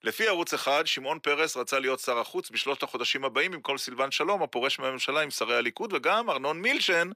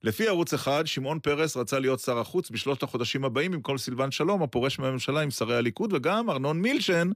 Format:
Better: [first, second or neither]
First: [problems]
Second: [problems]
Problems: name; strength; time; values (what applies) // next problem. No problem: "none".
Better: second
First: thin; somewhat; fading below 400 Hz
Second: none